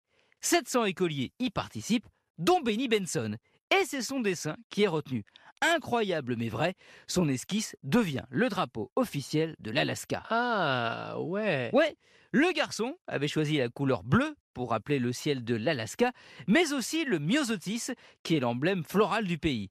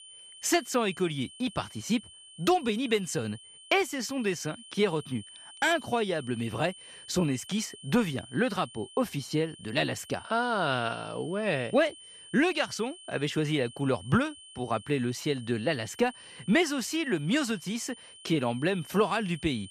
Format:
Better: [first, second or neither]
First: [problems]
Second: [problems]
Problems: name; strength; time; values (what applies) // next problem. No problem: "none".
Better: first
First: none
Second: high-pitched whine; noticeable; throughout; 3 kHz, 20 dB below the speech